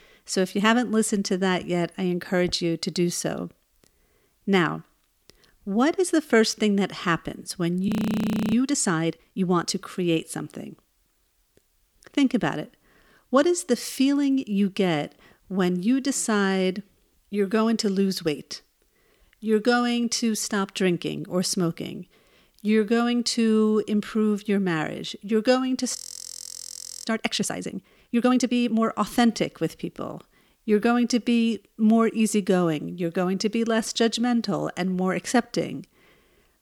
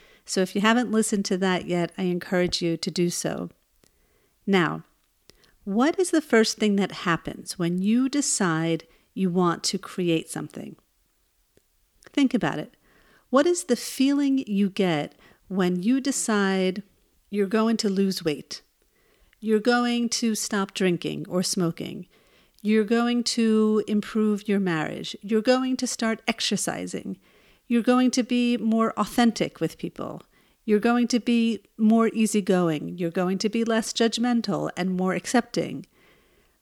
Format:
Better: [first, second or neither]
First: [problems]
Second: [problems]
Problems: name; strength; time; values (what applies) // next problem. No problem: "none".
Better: second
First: audio freezing; at 8 s for 0.5 s and at 26 s for 1 s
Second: none